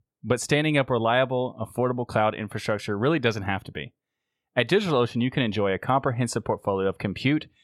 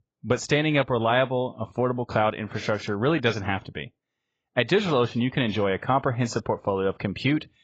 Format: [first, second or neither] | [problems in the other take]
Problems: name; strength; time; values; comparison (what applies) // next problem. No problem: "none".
first | garbled, watery; badly; nothing above 7.5 kHz